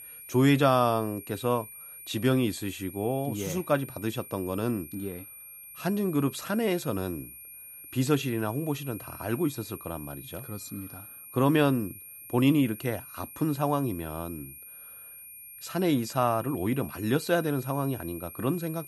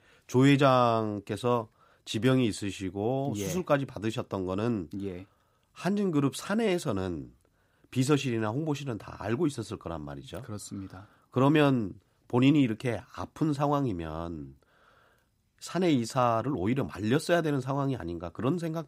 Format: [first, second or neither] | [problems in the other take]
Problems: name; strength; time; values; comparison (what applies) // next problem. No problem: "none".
second | high-pitched whine; noticeable; throughout; 11.5 kHz, 15 dB below the speech